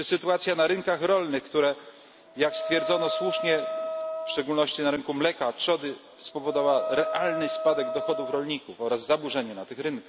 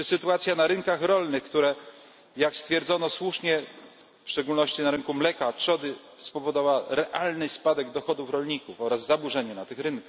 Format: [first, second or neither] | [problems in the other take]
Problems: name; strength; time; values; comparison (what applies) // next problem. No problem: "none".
second | background sound (Wind instrument, woodwind instrument); 6 dB below the speech